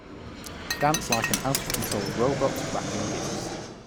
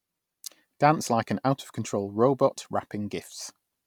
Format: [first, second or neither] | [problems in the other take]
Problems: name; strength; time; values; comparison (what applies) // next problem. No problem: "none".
second | background sound (Fixed-wing aircraft, airplane + Shatter); as loud as the speech